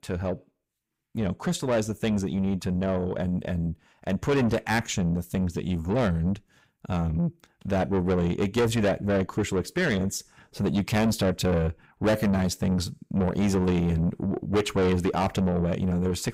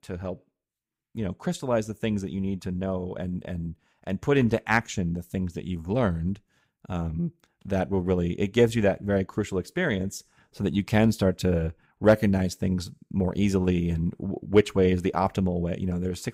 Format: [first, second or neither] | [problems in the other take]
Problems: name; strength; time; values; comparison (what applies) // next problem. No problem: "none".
second | distortion; heavy; 7 dB below the speech